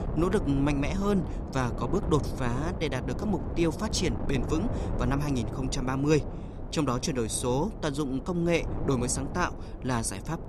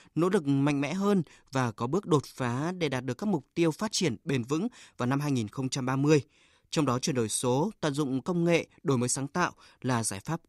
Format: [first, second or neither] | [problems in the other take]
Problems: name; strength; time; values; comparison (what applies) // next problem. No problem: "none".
second | wind noise on the microphone; heavy; 9 dB below the speech